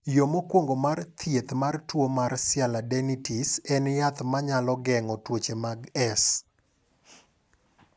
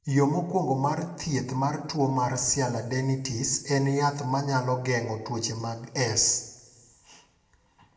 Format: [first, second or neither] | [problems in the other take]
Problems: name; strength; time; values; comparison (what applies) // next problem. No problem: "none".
first | room echo; dies away in 0.9 s